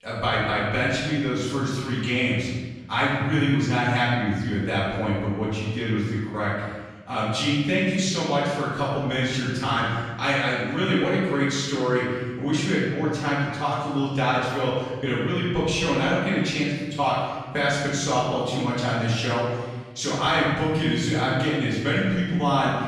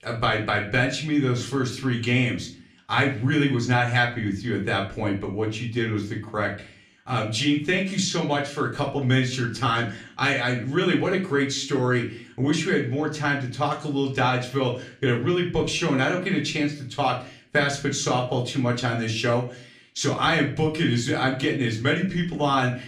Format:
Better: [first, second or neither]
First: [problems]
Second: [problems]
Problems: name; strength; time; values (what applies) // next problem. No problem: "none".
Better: second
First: room echo; strong; dies away in 1.3 s // off-mic speech; far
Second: room echo; slight; dies away in 0.4 s // off-mic speech; far